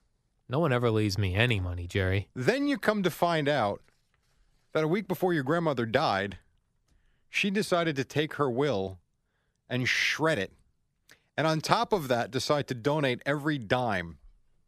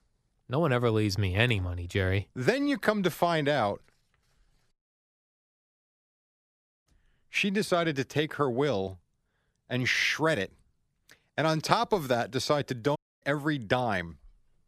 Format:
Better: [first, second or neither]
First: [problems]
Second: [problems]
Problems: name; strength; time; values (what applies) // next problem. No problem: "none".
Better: first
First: none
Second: audio cutting out; at 4.5 s for 2 s and at 13 s